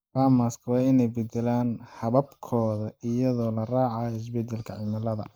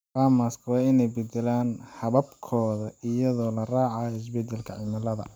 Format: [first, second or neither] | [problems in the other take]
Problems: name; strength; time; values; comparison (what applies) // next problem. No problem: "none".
second | noise reduction (neural mask model Resemble Enhance denoiser)